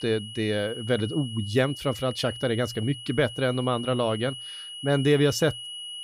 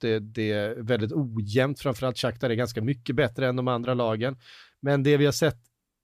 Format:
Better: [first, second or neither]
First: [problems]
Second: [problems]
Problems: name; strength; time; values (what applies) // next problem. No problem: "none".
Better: second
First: high-pitched whine; noticeable; throughout; 3 kHz, 10 dB below the speech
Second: none